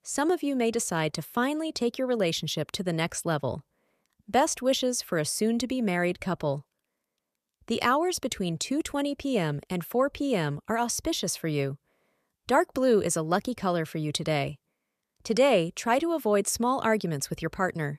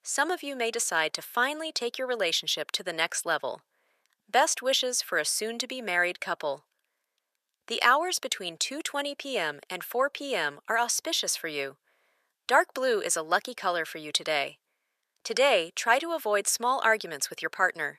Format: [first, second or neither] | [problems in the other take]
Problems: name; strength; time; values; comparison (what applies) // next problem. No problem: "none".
first | thin; very; fading below 600 Hz